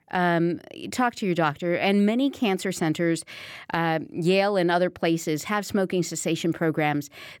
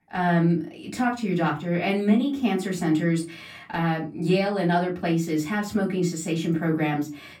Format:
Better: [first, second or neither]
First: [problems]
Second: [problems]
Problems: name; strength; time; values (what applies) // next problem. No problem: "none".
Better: first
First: none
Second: off-mic speech; far // room echo; very slight; dies away in 0.3 s